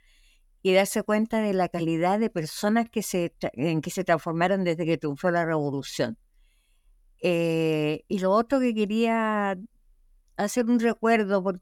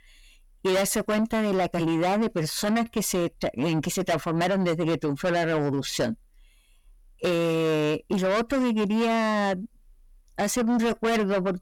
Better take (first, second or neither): first